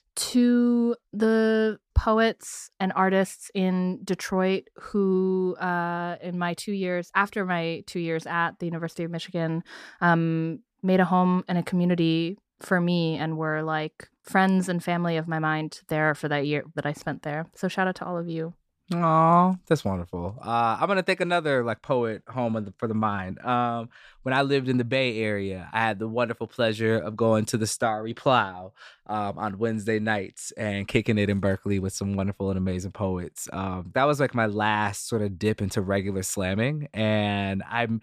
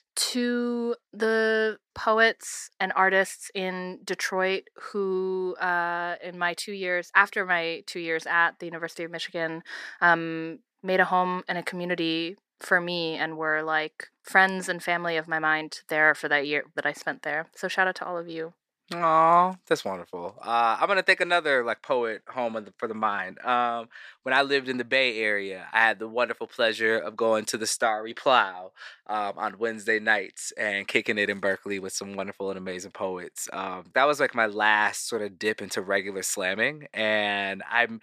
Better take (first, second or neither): first